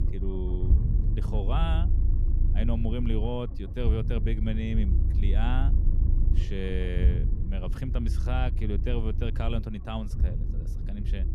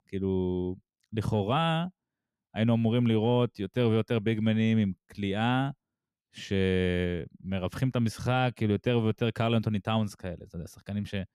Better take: second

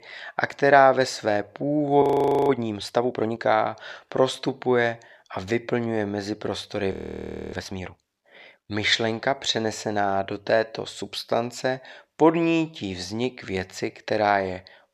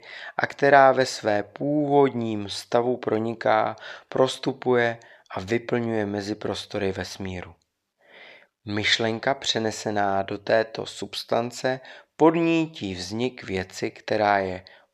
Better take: second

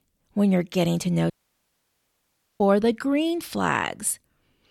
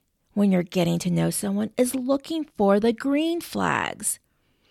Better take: second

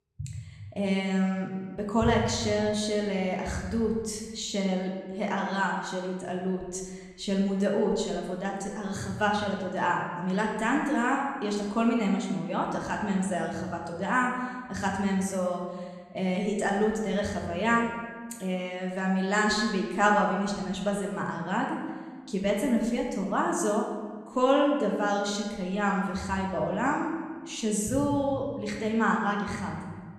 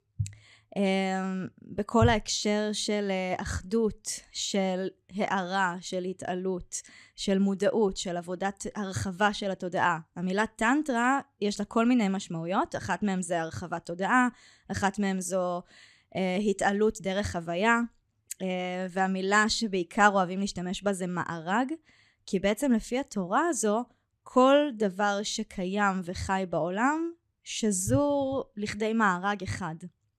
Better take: second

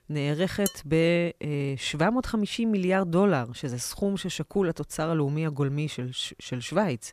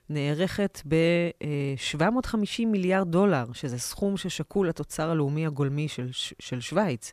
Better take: second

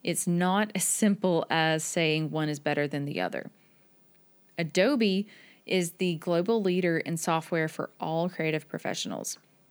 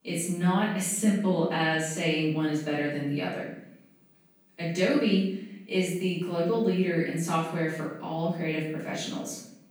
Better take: first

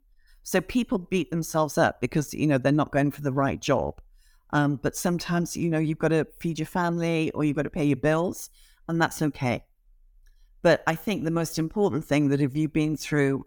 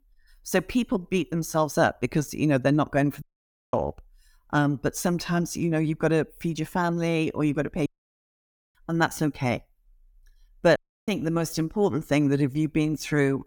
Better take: first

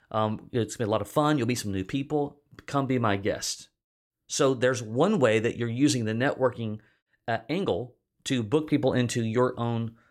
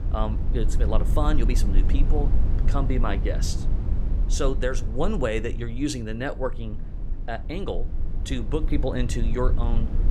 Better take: first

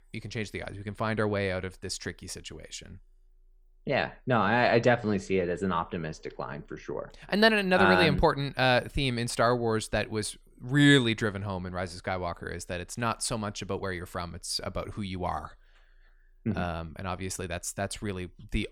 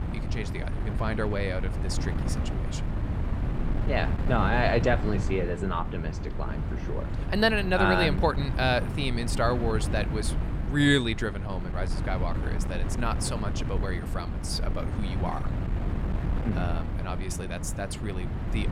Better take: first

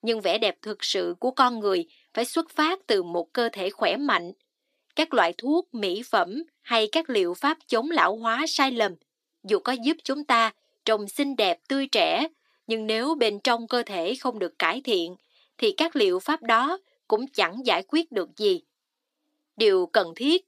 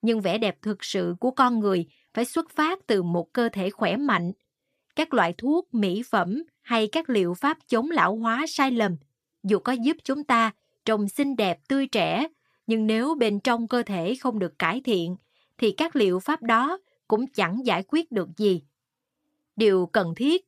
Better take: second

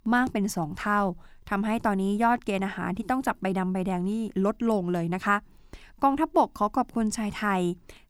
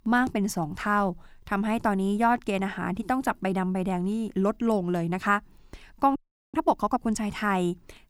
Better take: first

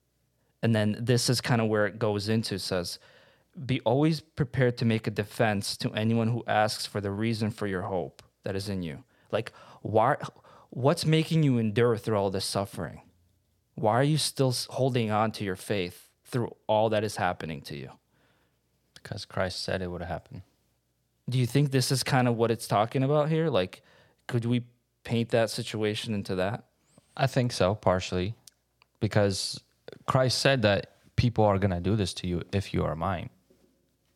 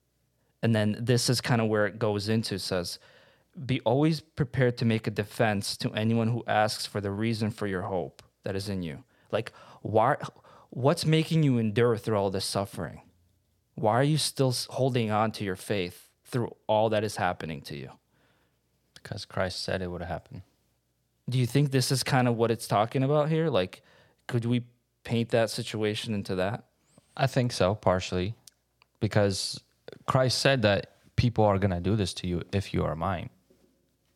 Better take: neither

